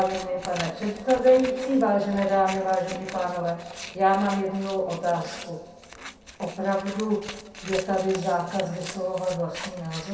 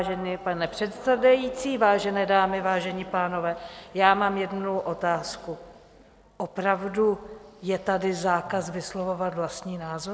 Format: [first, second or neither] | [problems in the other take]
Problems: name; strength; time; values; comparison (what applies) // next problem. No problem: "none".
second | background sound (Scissors); 15 dB below the speech // room echo; dies away in 0.6 s